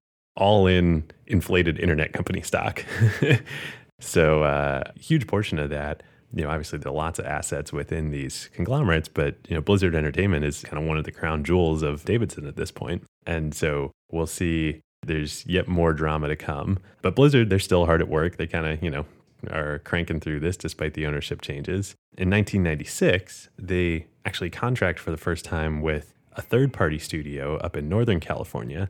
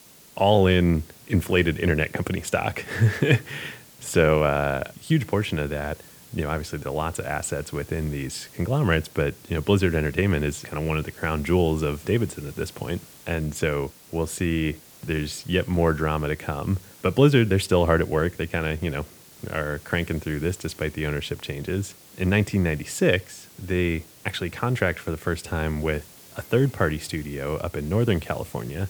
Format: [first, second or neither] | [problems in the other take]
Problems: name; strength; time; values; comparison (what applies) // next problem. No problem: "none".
first | hiss; faint; throughout; 20 dB below the speech